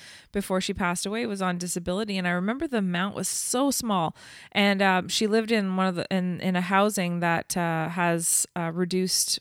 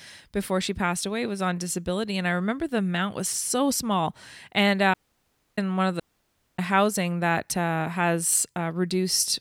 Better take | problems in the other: first | audio cutting out; at 5 s for 0.5 s and at 6 s for 0.5 s

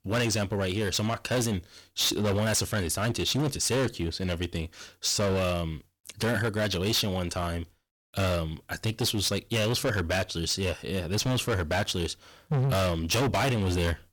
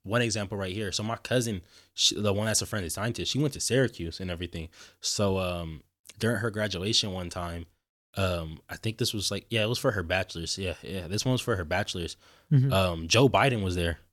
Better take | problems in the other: second | distortion; heavy; 18% of the sound clipped

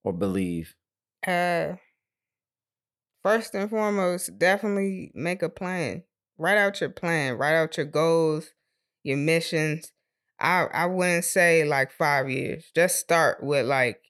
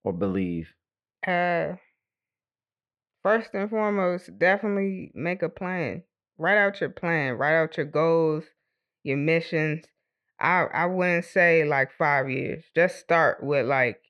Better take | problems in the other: first | muffled; slightly; fading above 2.5 kHz

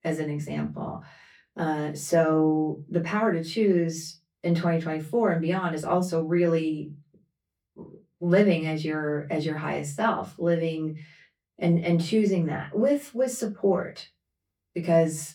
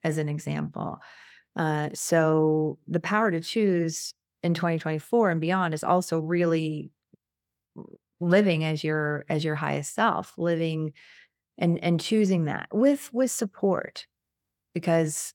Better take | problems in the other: second | off-mic speech; far // room echo; very slight; dies away in 0.2 s

